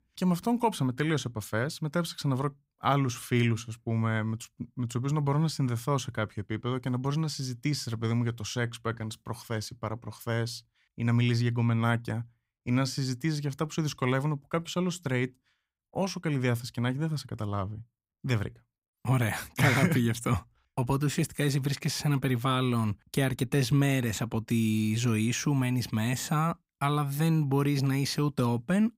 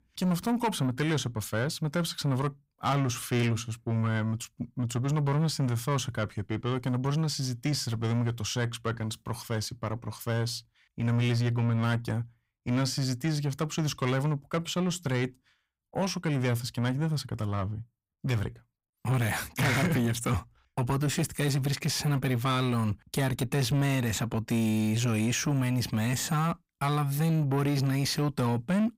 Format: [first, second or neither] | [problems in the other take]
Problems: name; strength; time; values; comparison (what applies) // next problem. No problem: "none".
first | distortion; slight; 10 dB below the speech